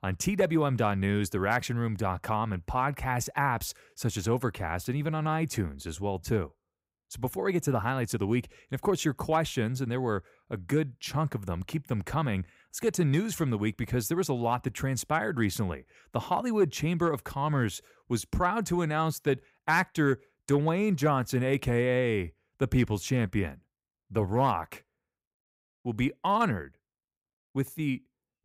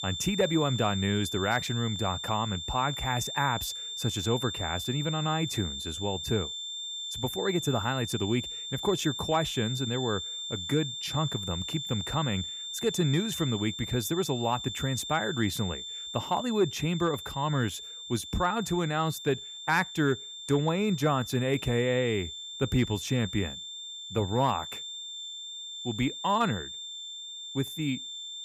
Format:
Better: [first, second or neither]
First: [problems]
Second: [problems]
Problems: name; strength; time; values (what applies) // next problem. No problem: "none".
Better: first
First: none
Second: high-pitched whine; loud; throughout; 3.5 kHz, 6 dB below the speech